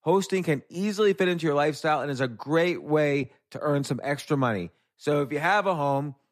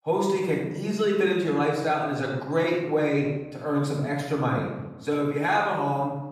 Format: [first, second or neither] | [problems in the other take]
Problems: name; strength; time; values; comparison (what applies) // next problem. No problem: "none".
first | off-mic speech; far // room echo; noticeable; dies away in 0.9 s